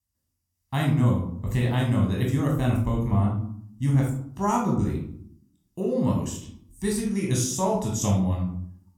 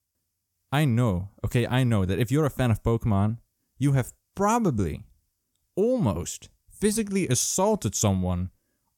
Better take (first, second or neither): second